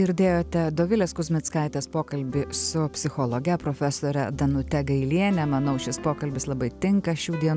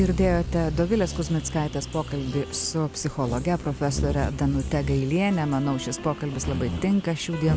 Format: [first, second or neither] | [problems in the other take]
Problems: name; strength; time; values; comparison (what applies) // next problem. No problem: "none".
first | background sound (Bird vocalization, bird call, bird song); 7 dB below the speech